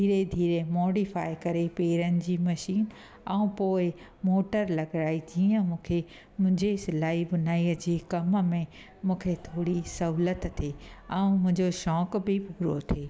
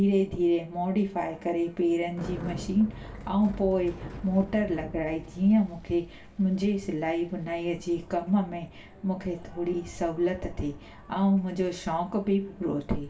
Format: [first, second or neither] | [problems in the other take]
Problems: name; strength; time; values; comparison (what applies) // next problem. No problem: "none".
first | background sound (Bicycle); 17 dB below the speech // room echo; dies away in 0.2 s